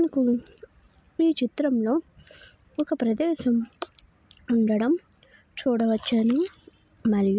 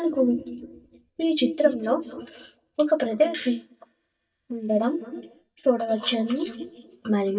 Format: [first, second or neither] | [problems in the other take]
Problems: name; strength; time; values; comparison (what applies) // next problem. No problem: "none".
first | noise reduction (neural mask model DeepFilterNet 3)